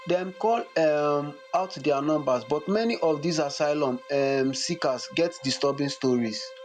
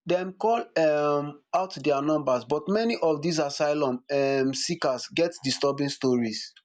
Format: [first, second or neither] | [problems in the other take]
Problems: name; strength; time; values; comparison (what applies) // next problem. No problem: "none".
second | background sound (Bowed string instrument); 19 dB below the speech